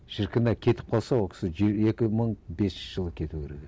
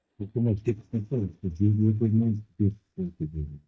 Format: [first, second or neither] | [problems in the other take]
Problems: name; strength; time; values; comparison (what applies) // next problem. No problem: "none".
first | noise reduction (neural mask model DeepFilterNet 3)